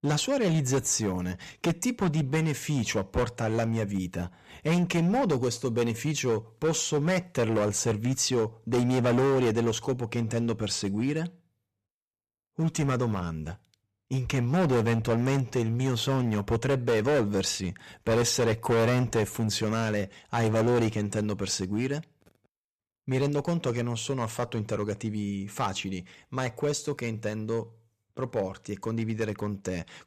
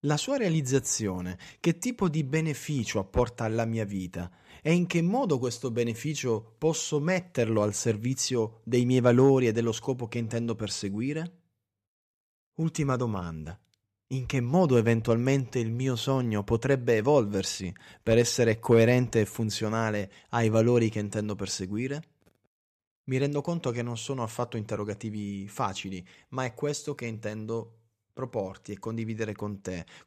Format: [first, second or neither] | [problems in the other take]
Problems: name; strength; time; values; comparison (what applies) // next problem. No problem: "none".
second | distortion; heavy; 9% of the sound clipped